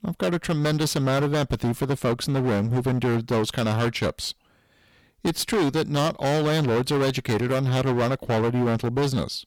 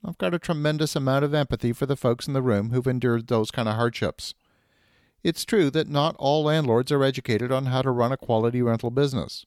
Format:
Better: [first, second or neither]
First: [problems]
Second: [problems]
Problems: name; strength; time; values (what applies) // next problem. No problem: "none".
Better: second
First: distortion; heavy; 24% of the sound clipped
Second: none